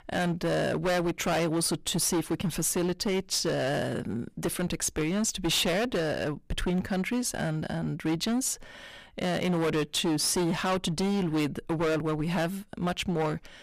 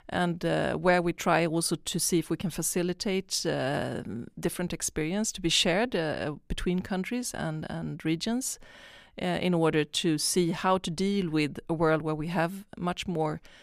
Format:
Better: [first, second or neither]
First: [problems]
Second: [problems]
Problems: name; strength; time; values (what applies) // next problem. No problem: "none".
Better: second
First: distortion; heavy; 18% of the sound clipped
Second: none